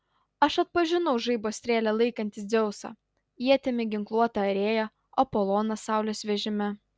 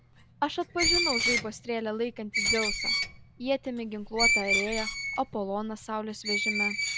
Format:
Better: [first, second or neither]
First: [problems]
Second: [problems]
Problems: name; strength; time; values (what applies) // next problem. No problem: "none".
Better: first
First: none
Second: background sound (Screech); 2 dB above the speech